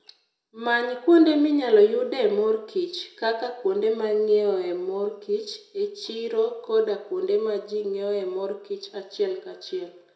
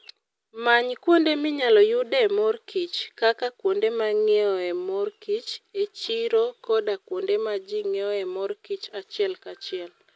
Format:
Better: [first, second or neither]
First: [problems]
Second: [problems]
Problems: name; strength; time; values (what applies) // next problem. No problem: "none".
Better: second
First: room echo; dies away in 0.6 s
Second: none